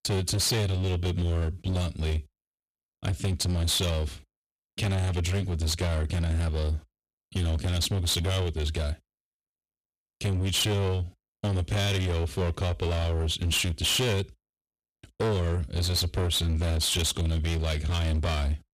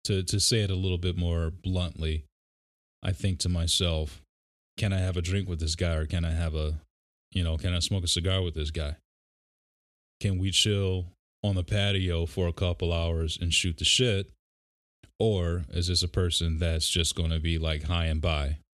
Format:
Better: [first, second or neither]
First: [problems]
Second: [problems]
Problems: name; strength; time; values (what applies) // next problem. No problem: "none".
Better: second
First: distortion; heavy; 23% of the sound clipped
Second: none